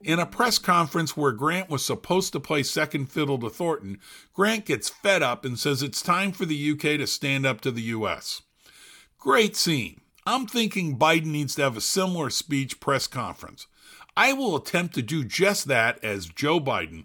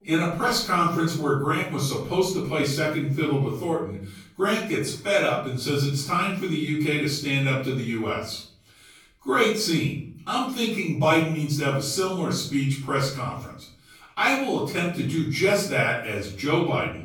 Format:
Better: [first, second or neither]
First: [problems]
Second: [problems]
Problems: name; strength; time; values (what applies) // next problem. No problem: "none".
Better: first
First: none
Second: off-mic speech; far // room echo; noticeable; dies away in 0.6 s